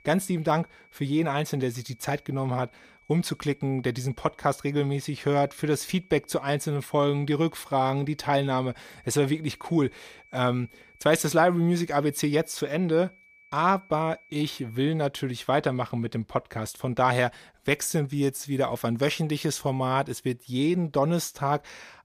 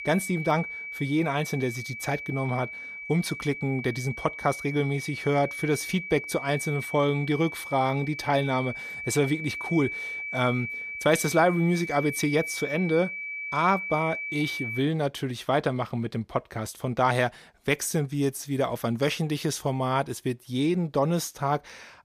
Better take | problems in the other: first | high-pitched whine; loud; until 15 s; 2.5 kHz, 7 dB below the speech; faint in the first

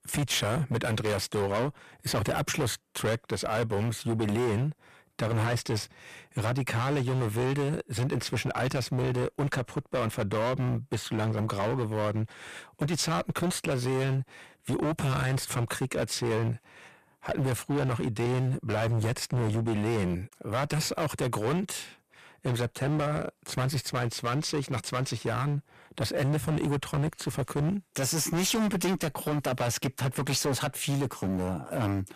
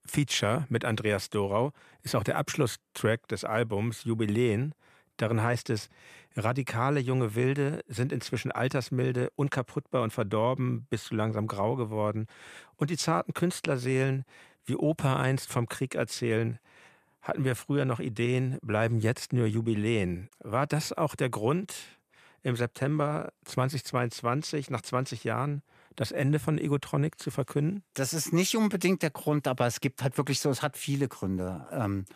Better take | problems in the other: second | distortion; heavy; 18% of the sound clipped

